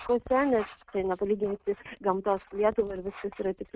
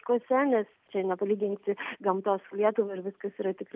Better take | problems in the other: second | noise reduction (neural mask model RNNoise)

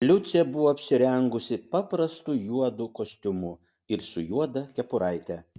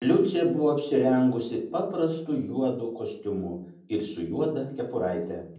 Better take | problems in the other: first | room echo; dies away in 0.6 s

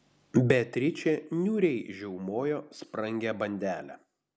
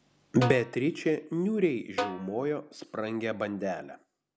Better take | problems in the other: first | background sound (Snare drum); 9 dB below the speech

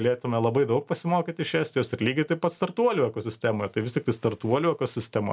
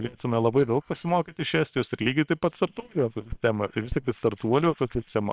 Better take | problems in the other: first | noise reduction (neural separator model SepFormer WHAM!)

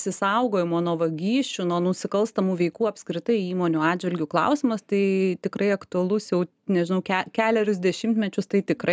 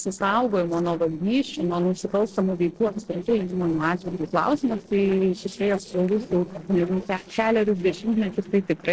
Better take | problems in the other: first | noise reduction (neural separator model SepFormer DNS4)

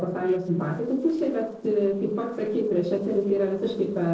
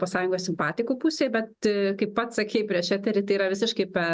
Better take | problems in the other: second | noise reduction (neural separator model SepFormer DNS4)

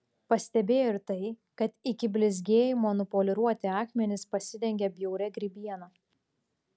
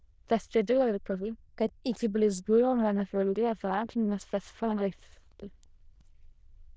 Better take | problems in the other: first | noise reduction (neural diffusion model UNIVERSE++)

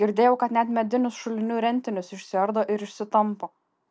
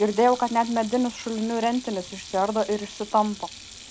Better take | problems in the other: first | background sound (Sink (filling or washing)); 17 dB below the speech

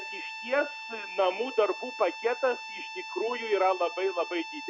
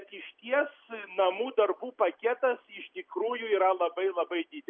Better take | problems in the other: second | background sound (Harmonica); 10 dB below the speech

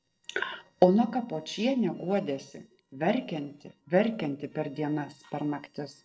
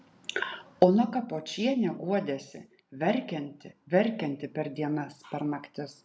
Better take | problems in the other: second | noise reduction (neural separator model SepFormer DNS4)

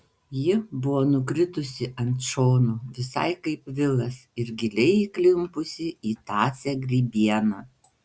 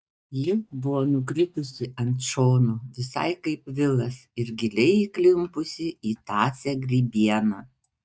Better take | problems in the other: first | noise reduction (neural mask model DeepFilterNet 3)

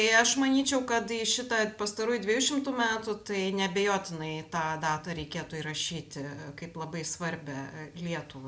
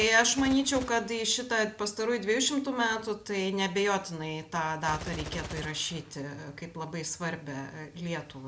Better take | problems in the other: first | background sound (Gunshot, gunfire); 17 dB below the speech

